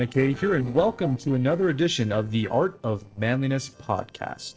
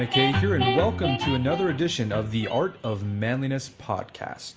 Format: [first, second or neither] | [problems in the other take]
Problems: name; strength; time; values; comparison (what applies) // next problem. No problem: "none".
second | noise reduction (neural separator model SepFormer DNS4)